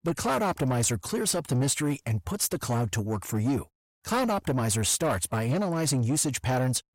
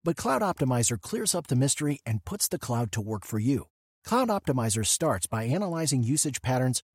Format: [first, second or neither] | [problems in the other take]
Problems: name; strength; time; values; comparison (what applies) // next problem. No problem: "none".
second | distortion; slight; 10 dB below the speech